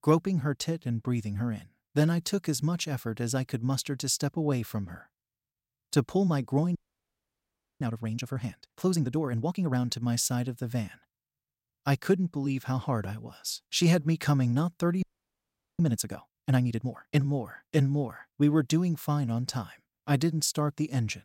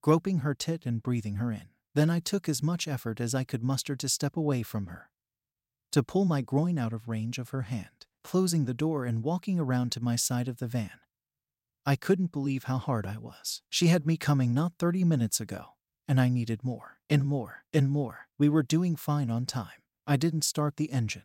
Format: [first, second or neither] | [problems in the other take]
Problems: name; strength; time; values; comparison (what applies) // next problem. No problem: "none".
second | audio freezing; at 7 s for 1 s and at 15 s for 1 s